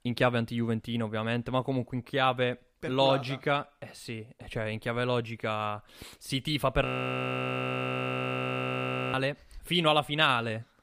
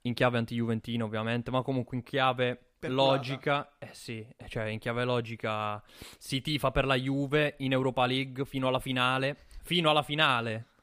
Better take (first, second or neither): second